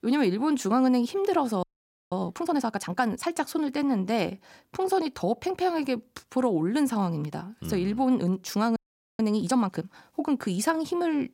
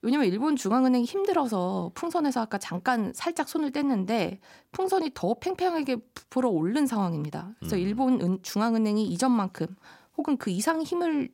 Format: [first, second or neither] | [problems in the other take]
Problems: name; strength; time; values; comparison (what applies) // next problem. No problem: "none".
second | audio freezing; at 1.5 s and at 9 s